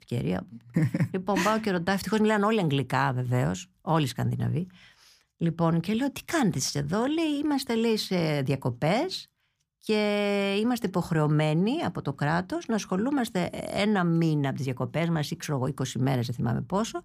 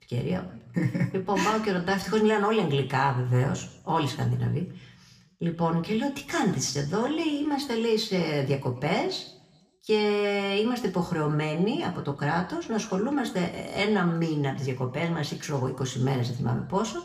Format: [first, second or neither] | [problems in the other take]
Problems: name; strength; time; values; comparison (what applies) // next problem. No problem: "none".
first | room echo; very slight; dies away in 0.6 s // off-mic speech; somewhat distant